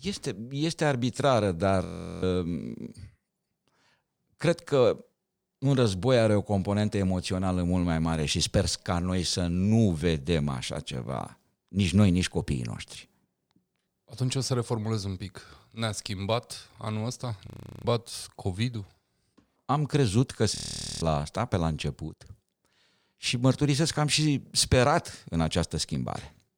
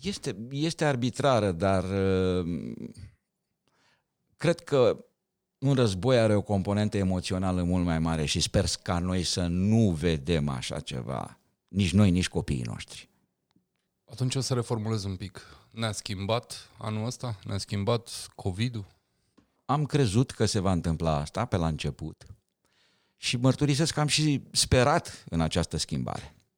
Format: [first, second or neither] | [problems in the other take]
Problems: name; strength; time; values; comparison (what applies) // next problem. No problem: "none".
second | audio freezing; at 2 s, at 17 s and at 21 s